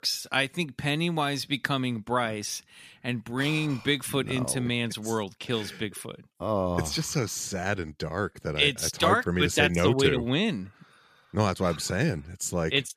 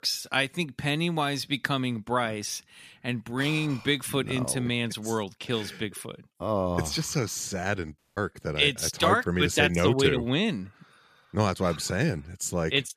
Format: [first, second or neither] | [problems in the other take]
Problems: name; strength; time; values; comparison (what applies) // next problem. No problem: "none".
first | audio cutting out; at 8 s